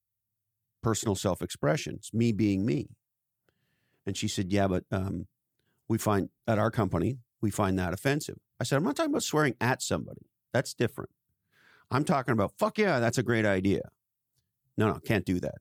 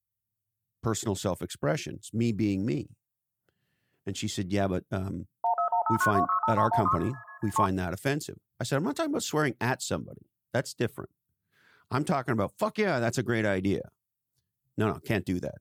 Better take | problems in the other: first | phone ringing; loud; from 5.5 to 7.5 s; peak 5 dB above the speech

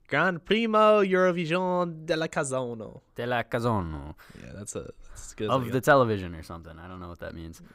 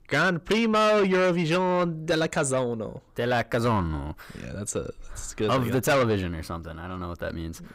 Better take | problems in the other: first | distortion; heavy; 7 dB below the speech

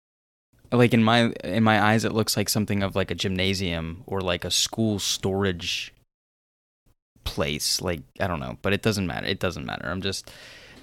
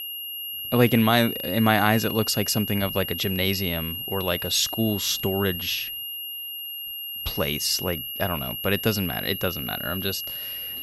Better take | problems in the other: first | high-pitched whine; loud; throughout; 3 kHz, 6 dB below the speech

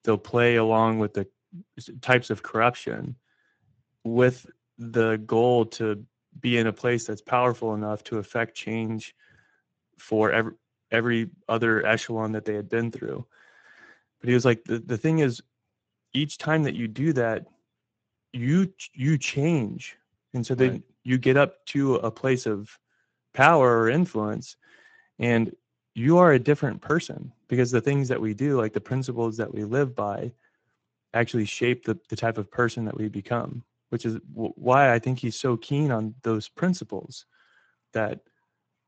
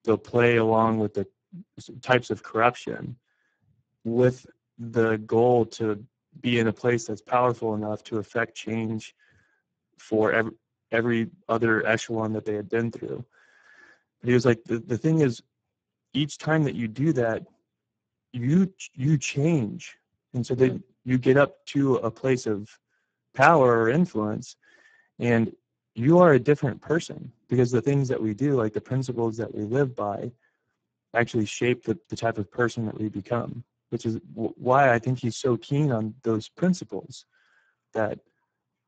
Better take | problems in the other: first | garbled, watery; badly; nothing above 7.5 kHz; slightly in the first

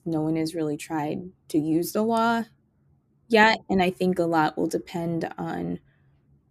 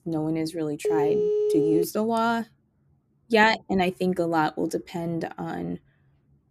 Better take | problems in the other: first | phone ringing; loud; from 1 to 2 s; peak 2 dB above the speech

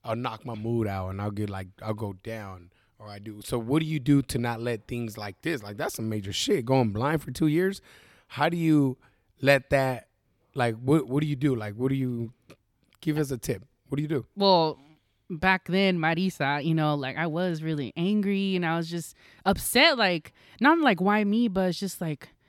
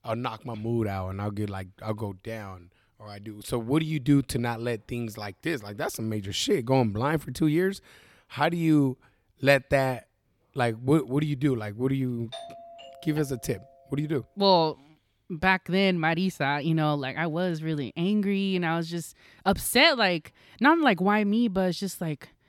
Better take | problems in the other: first | doorbell; faint; from 12 to 14 s; peak 15 dB below the speech

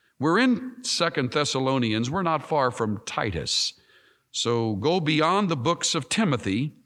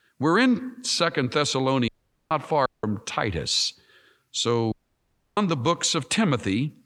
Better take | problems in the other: first | audio cutting out; at 2 s, at 2.5 s and at 4.5 s for 0.5 s

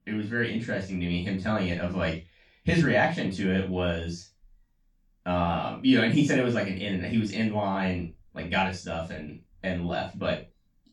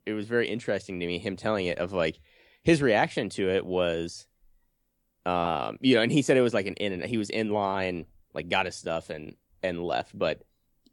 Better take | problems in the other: second | room echo; noticeable; dies away in 0.2 s // off-mic speech; far

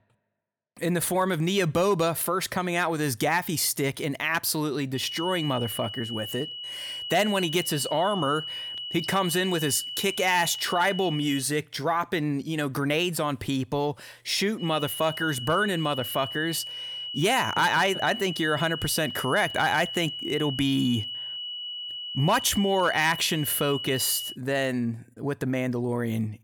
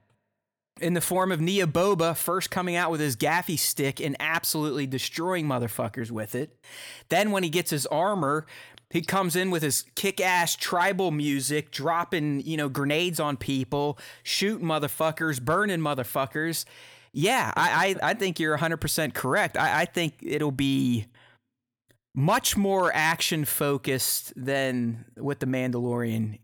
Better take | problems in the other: second | high-pitched whine; loud; from 5 to 11 s and from 15 to 24 s; 3 kHz, 7 dB below the speech

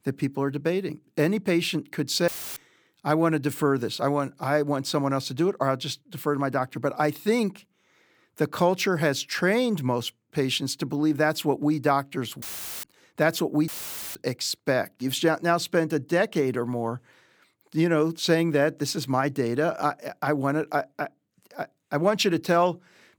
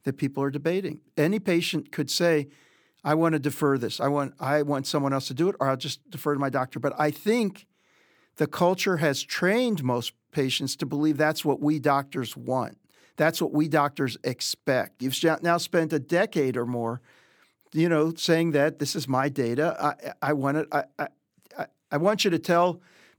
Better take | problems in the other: second | audio cutting out; filled with static; at 2.5 s, at 12 s and at 14 s

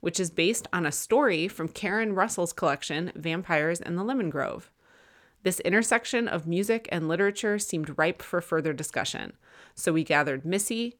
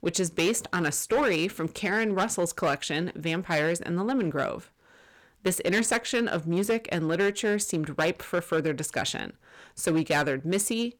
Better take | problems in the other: first | distortion; slight; 6% of the sound clipped

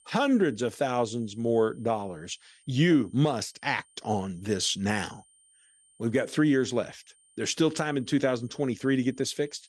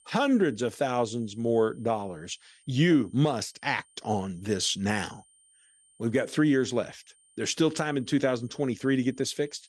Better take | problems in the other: neither | high-pitched whine; faint; throughout; 8.5 kHz, 30 dB below the speech; the same in both

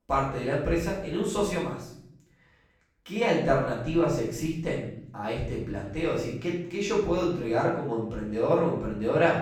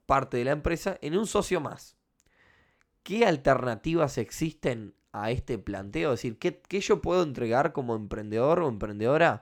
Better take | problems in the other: second | room echo; noticeable; dies away in 0.6 s // off-mic speech; far

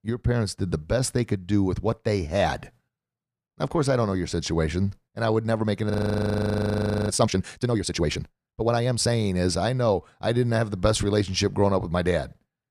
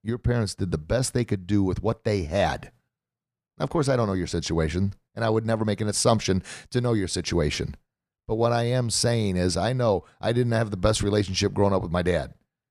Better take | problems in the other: second | audio freezing; at 6 s for 1 s

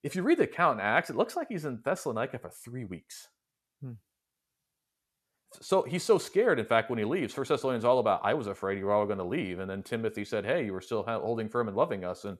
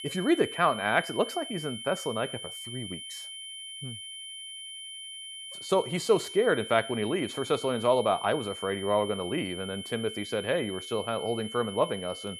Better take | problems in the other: first | high-pitched whine; loud; throughout; 3 kHz, 10 dB below the speech

